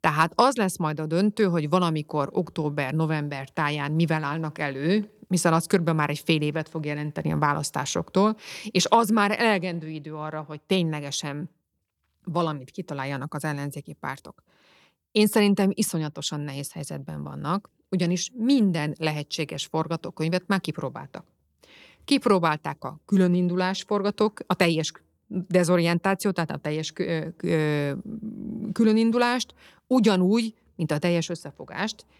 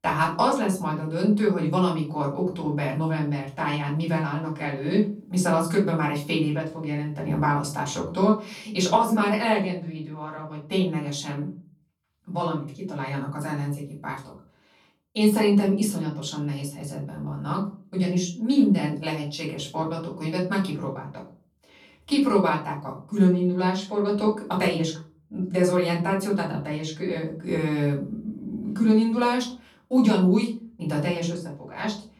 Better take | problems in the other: first | off-mic speech; far // room echo; slight; dies away in 0.3 s

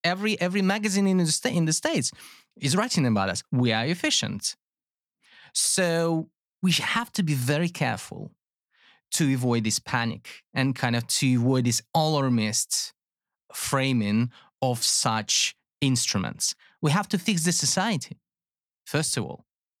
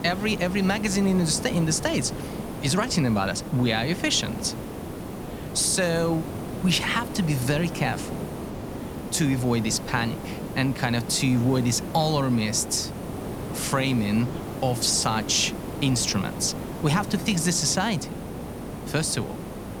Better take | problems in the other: first | hiss; loud; throughout; 9 dB below the speech

